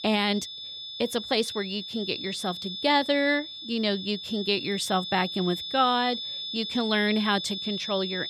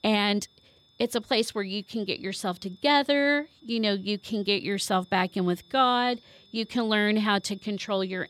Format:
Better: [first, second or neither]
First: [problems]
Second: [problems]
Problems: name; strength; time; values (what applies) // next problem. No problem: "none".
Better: second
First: high-pitched whine; loud; throughout; 3.5 kHz, 6 dB below the speech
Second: high-pitched whine; faint; throughout; 3.5 kHz, 30 dB below the speech